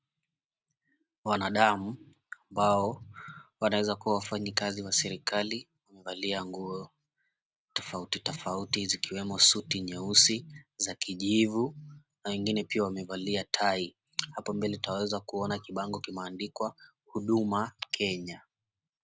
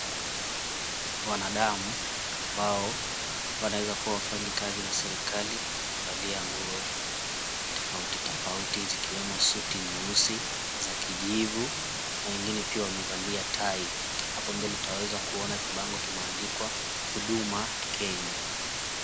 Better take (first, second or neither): first